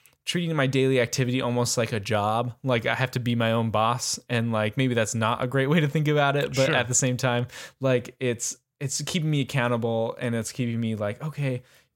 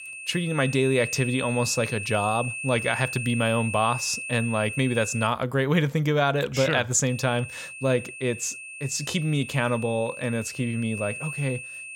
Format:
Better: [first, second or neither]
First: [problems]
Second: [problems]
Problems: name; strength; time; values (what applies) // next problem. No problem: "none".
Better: first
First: none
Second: high-pitched whine; loud; until 5.5 s and from 7 s on; 2.5 kHz, 8 dB below the speech